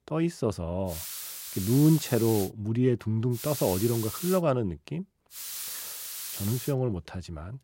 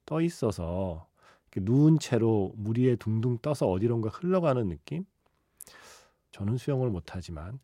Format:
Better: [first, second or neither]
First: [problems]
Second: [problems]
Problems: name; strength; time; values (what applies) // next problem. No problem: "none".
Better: second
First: hiss; loud; from 1 to 2.5 s, from 3.5 to 4.5 s and from 5.5 to 6.5 s; 8 dB below the speech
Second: none